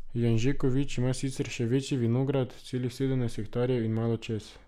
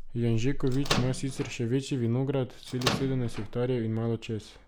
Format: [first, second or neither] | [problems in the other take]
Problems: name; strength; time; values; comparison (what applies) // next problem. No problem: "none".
first | background sound (Microwave oven); 6 dB below the speech